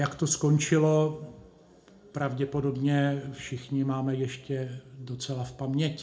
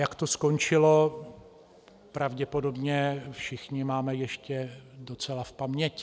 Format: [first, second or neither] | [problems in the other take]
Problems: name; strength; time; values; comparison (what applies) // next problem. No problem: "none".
second | room echo; dies away in 0.3 s